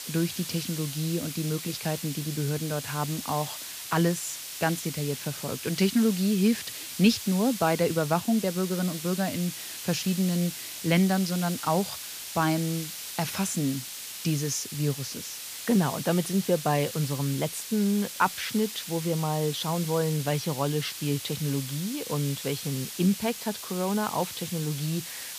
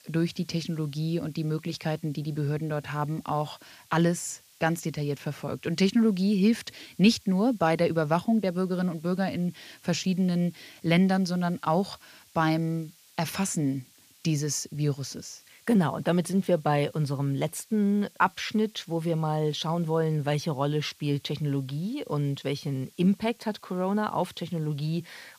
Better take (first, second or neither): second